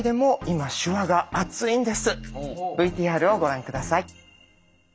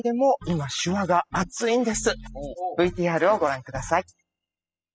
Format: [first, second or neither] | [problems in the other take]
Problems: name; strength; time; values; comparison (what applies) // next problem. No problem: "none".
first | noise reduction (classical method spectral subtraction)